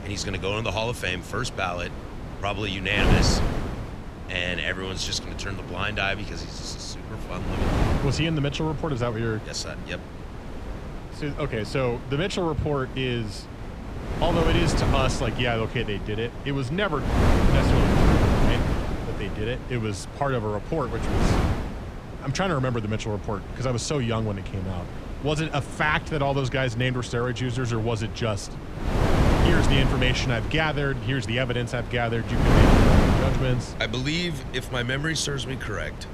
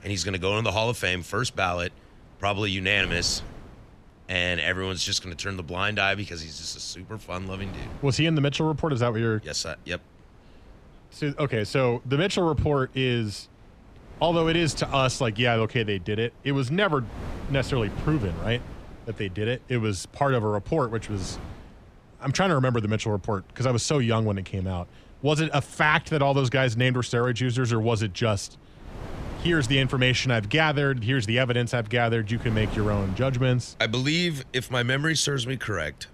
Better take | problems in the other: second | wind noise on the microphone; heavy; 4 dB below the speech; occasional gusts in the second

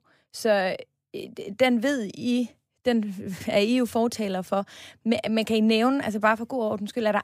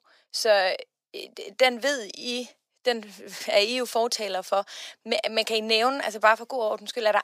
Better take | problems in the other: first | thin; very; fading below 600 Hz

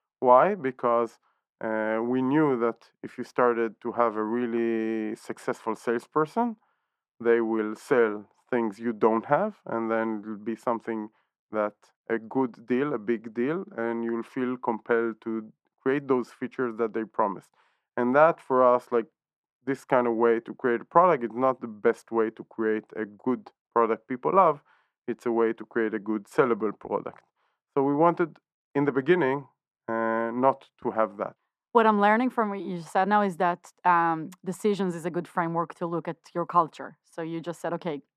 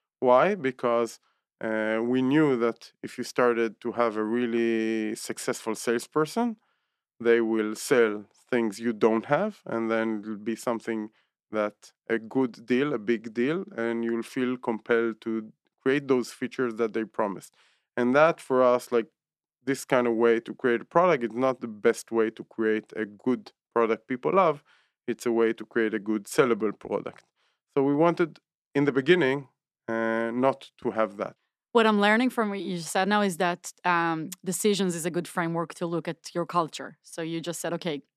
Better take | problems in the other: second | muffled; very; fading above 2.5 kHz

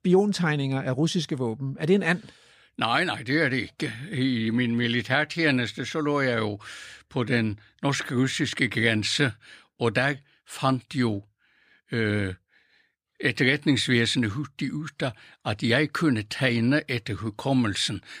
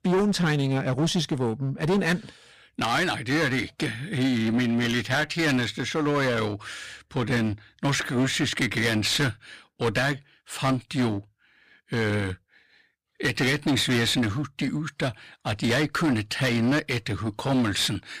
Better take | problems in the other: first | distortion; heavy; 13% of the sound clipped

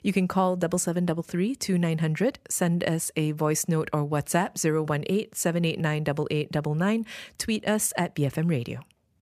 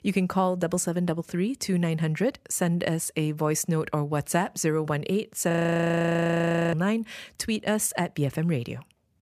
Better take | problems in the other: first | audio freezing; at 5.5 s for 1 s

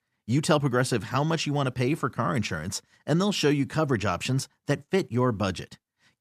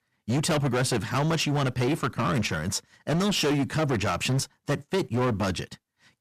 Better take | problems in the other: first | distortion; heavy; 18% of the sound clipped

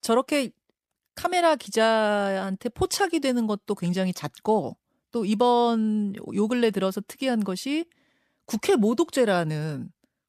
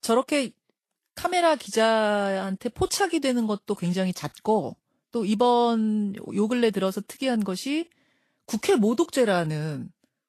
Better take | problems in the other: first | garbled, watery; slightly; nothing above 13 kHz

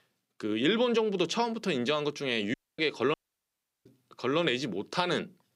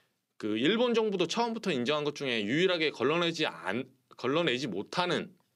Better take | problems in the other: second | audio cutting out; at 2.5 s and at 3 s for 0.5 s

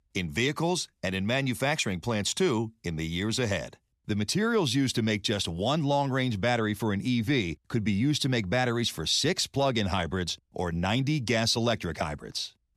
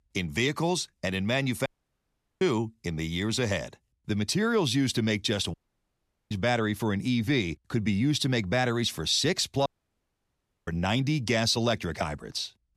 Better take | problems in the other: first | audio cutting out; at 1.5 s for 1 s, at 5.5 s for 1 s and at 9.5 s for 1 s

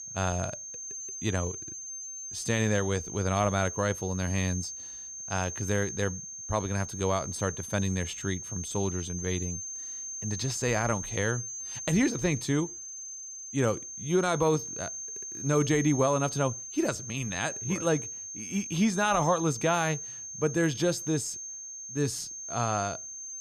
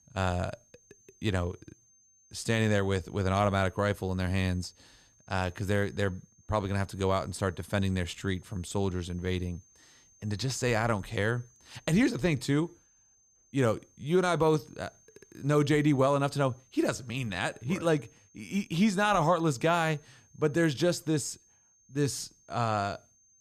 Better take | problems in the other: second | high-pitched whine; loud; throughout; 6.5 kHz, 7 dB below the speech; faint in the second

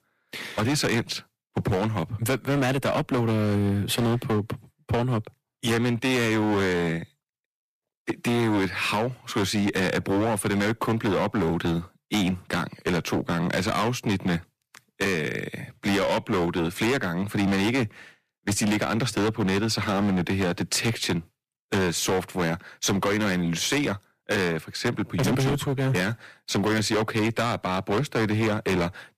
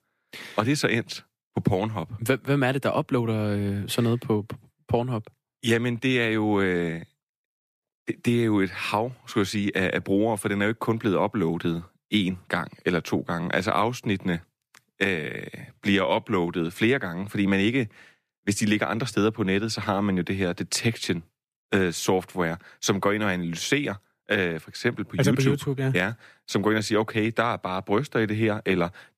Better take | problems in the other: second | distortion; heavy; 19% of the sound clipped

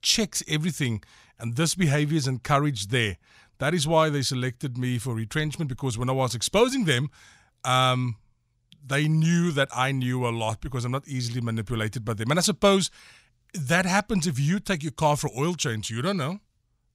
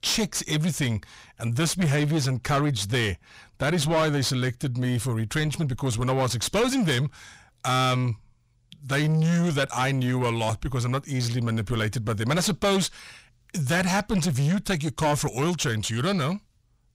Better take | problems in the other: first | distortion; heavy; 7 dB below the speech

